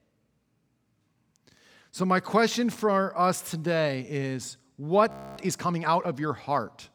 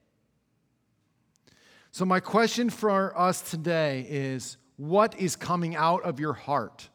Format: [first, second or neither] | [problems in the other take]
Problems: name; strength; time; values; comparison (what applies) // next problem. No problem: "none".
second | audio freezing; at 5 s